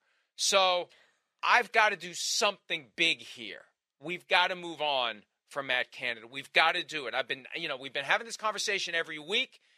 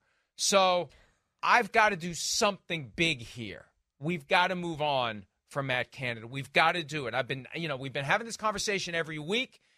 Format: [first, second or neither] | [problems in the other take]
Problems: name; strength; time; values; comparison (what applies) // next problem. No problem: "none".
second | thin; somewhat; fading below 350 Hz